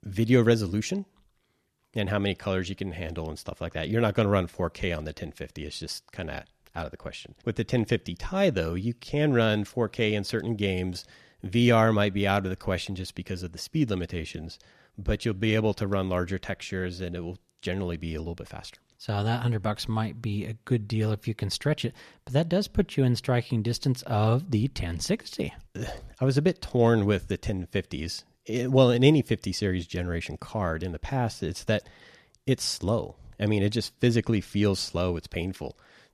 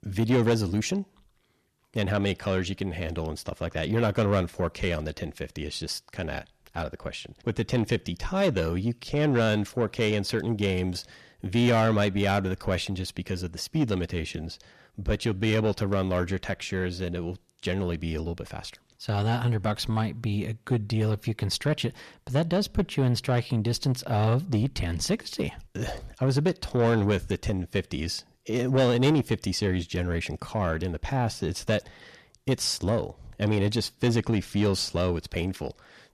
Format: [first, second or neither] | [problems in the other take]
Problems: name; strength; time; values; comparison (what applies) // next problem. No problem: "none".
first | distortion; slight; 10 dB below the speech